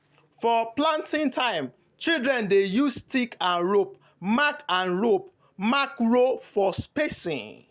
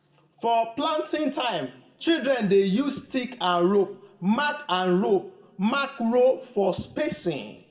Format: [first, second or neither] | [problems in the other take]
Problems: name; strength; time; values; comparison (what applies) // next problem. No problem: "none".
first | room echo; dies away in 0.7 s